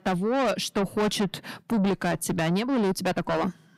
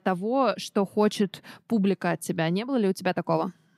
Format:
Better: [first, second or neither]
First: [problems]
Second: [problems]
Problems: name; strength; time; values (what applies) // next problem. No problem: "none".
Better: second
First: distortion; heavy; 6 dB below the speech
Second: none